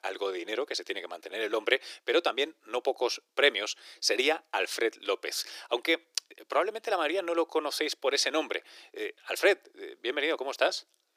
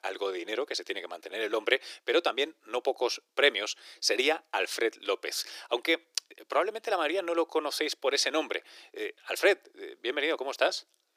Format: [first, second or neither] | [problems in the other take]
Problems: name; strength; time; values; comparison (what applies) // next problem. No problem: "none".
neither | thin; very; fading below 350 Hz; the same in both